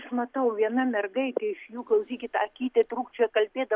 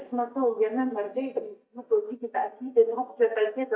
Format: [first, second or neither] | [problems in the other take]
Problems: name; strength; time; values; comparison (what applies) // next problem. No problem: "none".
first | noise reduction (neural mask model DeepFilterNet 3)